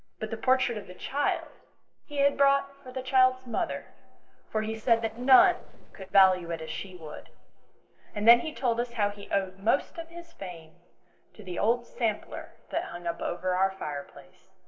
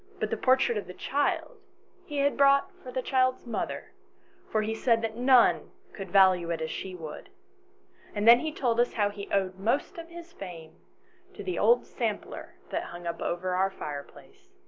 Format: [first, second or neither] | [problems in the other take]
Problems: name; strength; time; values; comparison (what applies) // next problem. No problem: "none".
second | noise reduction (neural separator model SepFormer DNS4)